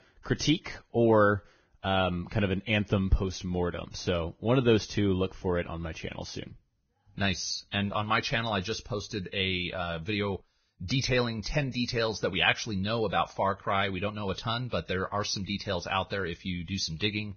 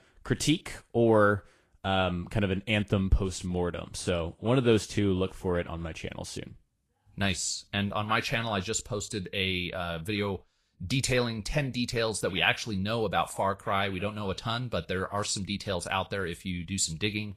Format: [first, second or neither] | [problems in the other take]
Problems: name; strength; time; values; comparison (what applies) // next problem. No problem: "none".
second | garbled, watery; badly; nothing above 6.5 kHz; slightly in the second